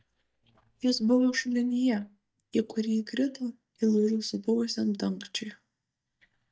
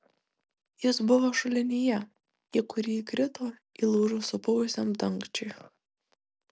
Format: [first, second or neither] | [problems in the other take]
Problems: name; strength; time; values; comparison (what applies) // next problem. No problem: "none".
second | noise reduction (neural mask model DeepFilterNet 3)